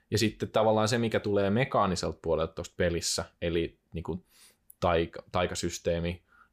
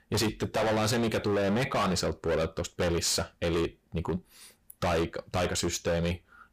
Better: first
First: none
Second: distortion; heavy; 23% of the sound clipped

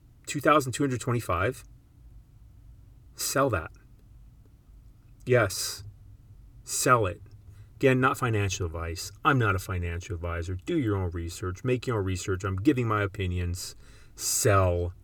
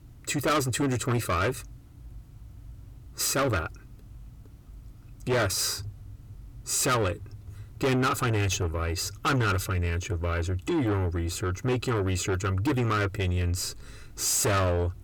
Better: first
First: none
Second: distortion; heavy; 6 dB below the speech

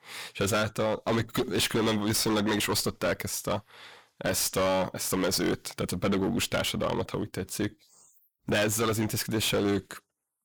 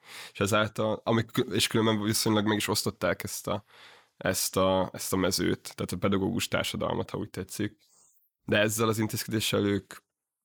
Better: second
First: distortion; heavy; 15% of the sound clipped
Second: none

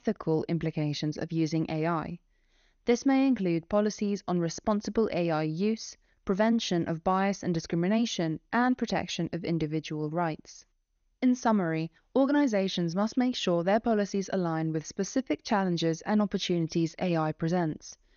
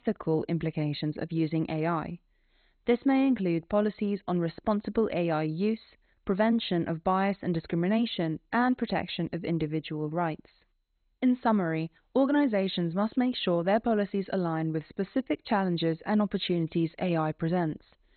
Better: first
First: garbled, watery; slightly; nothing above 6.5 kHz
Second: garbled, watery; badly; nothing above 4 kHz

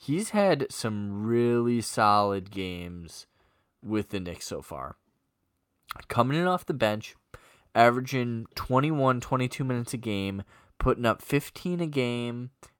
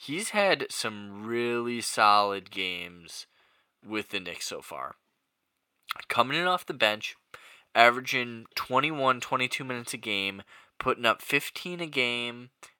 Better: first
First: none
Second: thin; somewhat; fading below 700 Hz

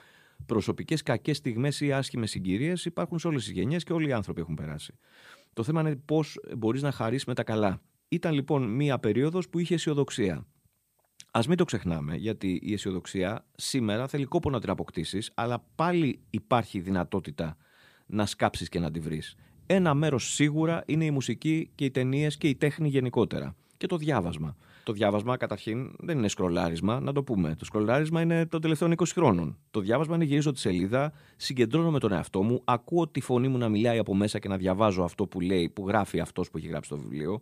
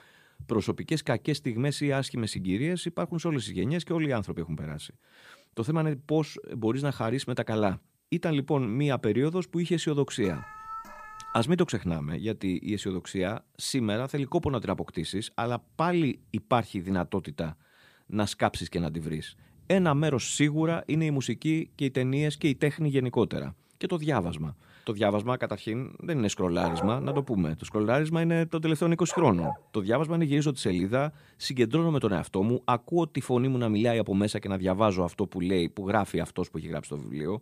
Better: first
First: none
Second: alarm; faint; from 10 to 11 s; peak 10 dB below the speech // dog barking; noticeable; from 27 to 30 s; peak 6 dB below the speech

